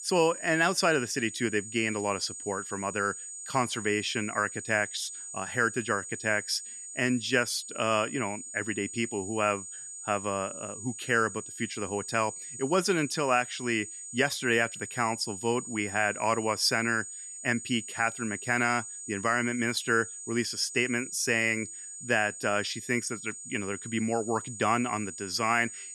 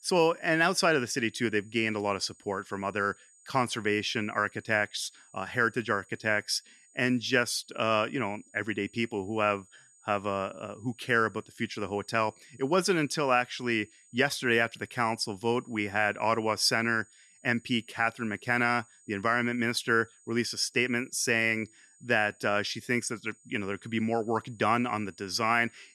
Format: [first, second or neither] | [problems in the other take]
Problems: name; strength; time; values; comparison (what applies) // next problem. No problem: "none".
second | high-pitched whine; loud; throughout; 7 kHz, 10 dB below the speech; faint in the second